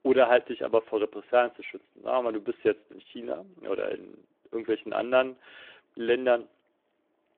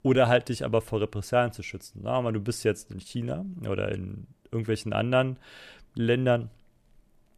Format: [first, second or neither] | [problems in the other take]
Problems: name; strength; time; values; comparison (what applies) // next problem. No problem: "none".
second | phone-call audio